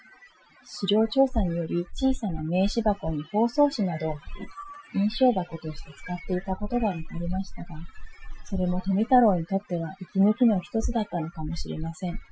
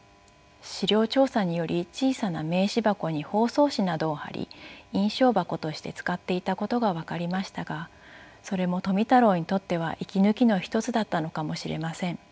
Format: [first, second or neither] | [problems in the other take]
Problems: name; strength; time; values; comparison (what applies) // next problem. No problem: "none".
second | noise reduction (classical method Wiener filter)